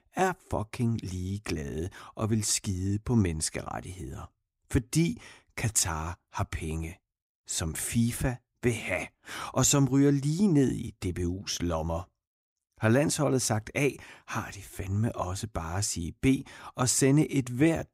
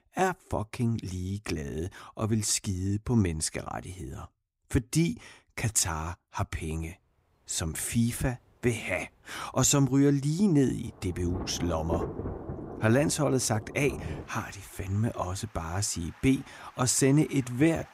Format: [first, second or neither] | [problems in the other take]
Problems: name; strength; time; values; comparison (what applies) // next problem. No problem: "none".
first | rain or running water; noticeable; from 7 s on; 10 dB below the speech